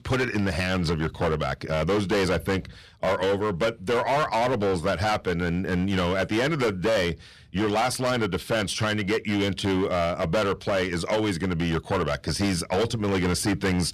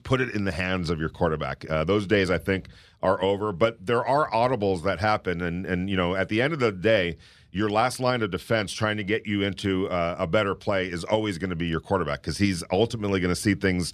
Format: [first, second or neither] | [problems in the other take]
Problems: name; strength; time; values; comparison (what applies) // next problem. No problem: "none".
second | distortion; heavy; 16% of the sound clipped